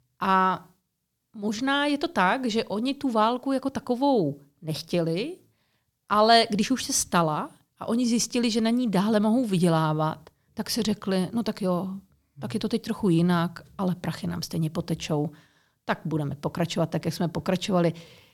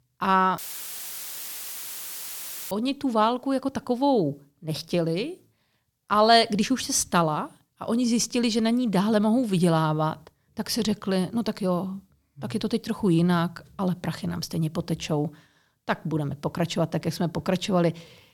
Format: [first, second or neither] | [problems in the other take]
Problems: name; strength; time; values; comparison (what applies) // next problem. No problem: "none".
first | audio cutting out; filled with static; at 0.5 s for 2 s